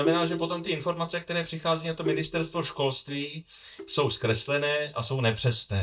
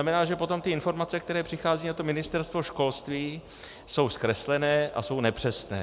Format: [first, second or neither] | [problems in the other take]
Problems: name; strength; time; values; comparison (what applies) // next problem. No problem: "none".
second | noise reduction (neural mask model DeepFilterNet 3)